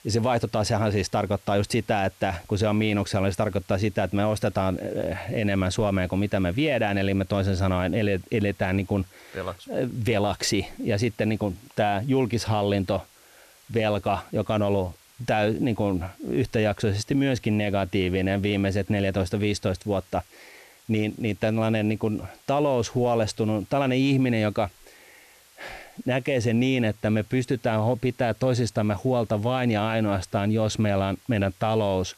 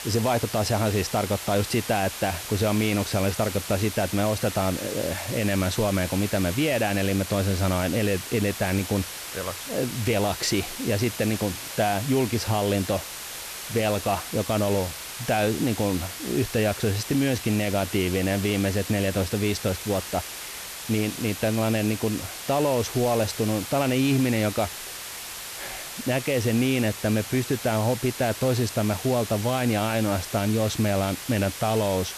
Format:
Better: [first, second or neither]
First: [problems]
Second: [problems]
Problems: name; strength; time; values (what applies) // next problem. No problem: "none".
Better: first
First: hiss; faint; throughout; 30 dB below the speech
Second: hiss; loud; throughout; 8 dB below the speech